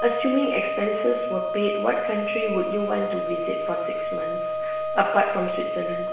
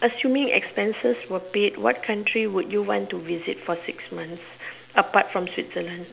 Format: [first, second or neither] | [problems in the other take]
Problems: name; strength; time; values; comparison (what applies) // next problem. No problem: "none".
second | background sound (Wind instrument, woodwind instrument); 1 dB below the speech // room echo; dies away in 0.9 s